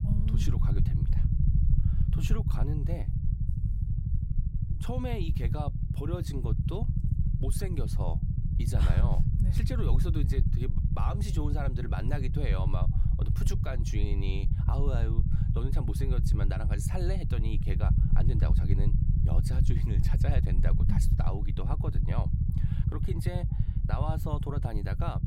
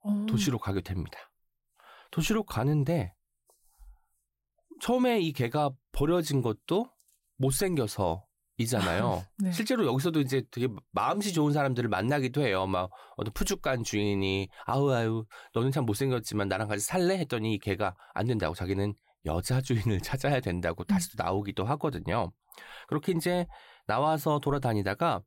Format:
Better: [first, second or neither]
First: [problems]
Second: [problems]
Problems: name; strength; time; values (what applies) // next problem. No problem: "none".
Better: second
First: low rumble; loud; throughout; 2 dB below the speech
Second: none